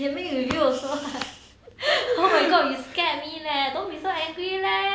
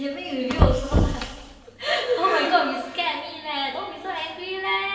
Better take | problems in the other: first | background sound (Knock); as loud as the speech // room echo; dies away in 2.3 s

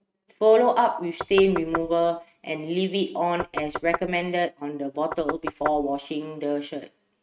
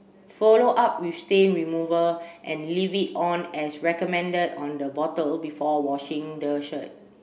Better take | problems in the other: second | noise reduction (neural mask model RNNoise)

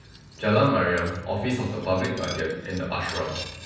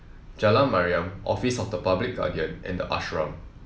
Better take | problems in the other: second | background sound (Cutlery, silverware); 17 dB below the speech // room echo; dies away in 0.9 s

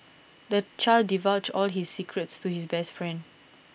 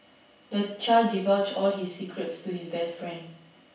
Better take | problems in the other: first | room echo; dies away in 0.7 s

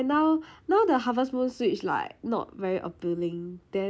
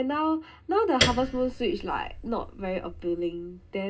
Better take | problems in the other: first | background sound (Piano); 5 dB below the speech // room echo; dies away in 0.2 s

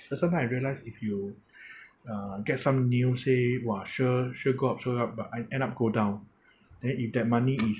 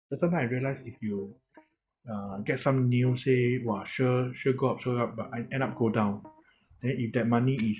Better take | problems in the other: first | noise reduction (neural mask model DeepFilterNet 3)

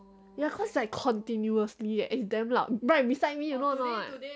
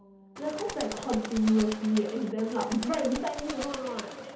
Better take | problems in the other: first | background sound (Bird); 11 dB below the speech // room echo; dies away in 0.6 s

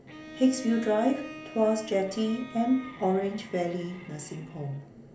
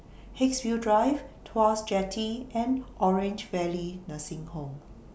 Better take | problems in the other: second | background sound (Bowed string instrument); 16 dB below the speech // room echo; dies away in 0.3 s

